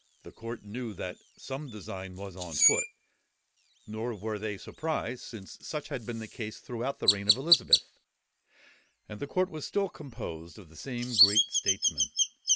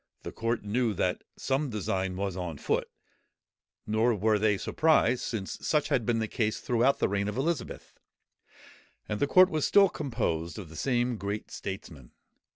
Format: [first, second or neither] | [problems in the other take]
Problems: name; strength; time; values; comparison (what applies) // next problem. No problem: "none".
second | background sound (Chirp, tweet); 3 dB above the speech